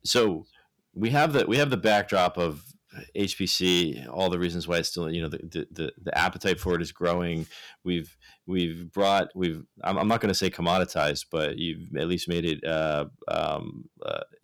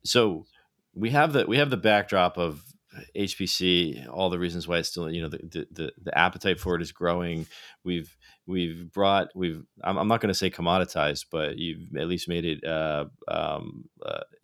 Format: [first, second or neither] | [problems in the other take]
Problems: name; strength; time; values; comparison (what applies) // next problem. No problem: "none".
second | distortion; slight; 1.8% of the sound clipped